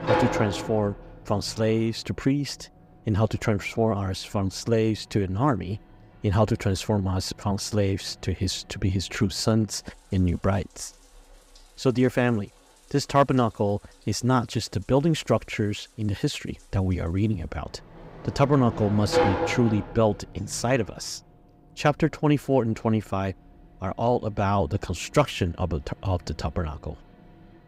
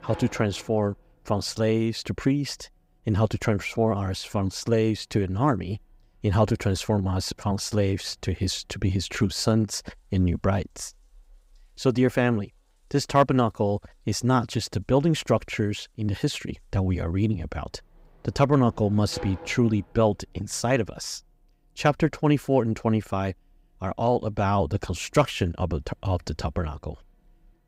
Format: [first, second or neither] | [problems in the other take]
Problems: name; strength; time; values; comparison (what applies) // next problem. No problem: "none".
second | household noises; loud; throughout; 5 dB below the speech; faint in the second